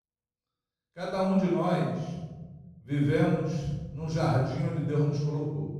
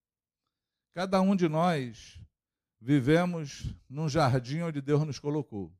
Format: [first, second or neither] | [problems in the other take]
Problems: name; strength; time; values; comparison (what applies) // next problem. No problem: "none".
second | room echo; strong; dies away in 1.5 s // off-mic speech; far